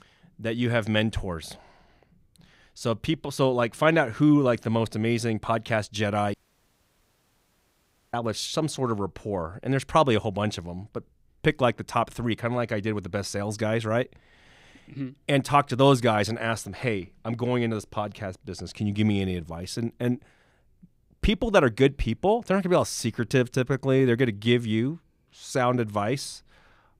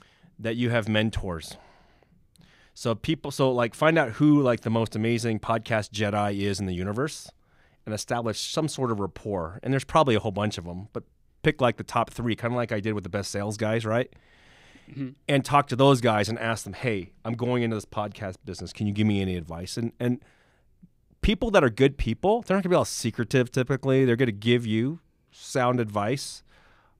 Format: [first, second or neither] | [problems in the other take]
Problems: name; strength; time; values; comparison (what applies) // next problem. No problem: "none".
second | audio cutting out; at 6.5 s for 2 s